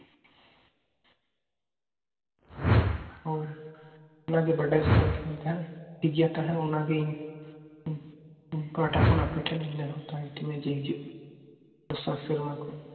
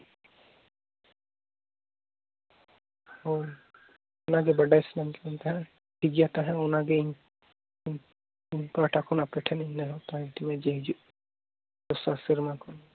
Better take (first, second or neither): second